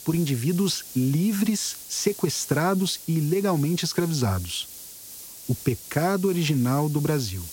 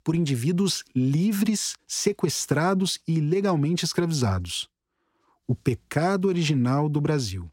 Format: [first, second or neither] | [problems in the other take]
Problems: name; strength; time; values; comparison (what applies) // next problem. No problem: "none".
second | hiss; noticeable; throughout; 15 dB below the speech